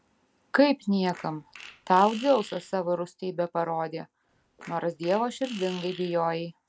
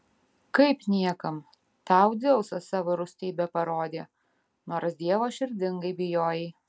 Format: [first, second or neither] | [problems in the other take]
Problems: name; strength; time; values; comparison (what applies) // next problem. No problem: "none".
second | background sound (Fart); 19 dB below the speech